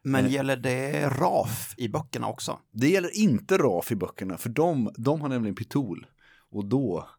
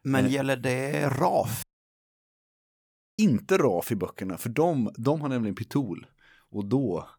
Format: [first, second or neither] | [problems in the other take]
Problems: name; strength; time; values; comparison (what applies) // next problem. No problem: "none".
first | audio cutting out; at 1.5 s for 1.5 s